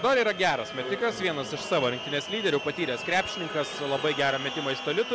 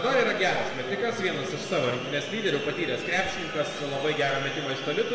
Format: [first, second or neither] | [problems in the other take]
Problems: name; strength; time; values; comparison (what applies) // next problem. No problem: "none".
first | room echo; dies away in 1.5 s